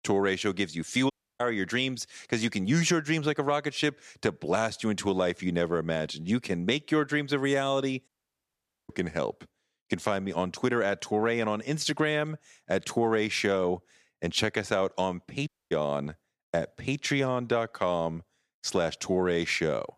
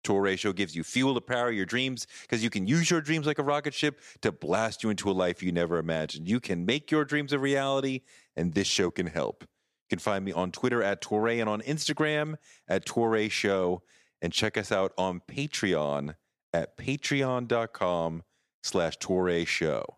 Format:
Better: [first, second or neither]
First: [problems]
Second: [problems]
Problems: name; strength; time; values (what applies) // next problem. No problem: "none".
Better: second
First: audio cutting out; at 1 s, at 8 s for 1 s and at 15 s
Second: none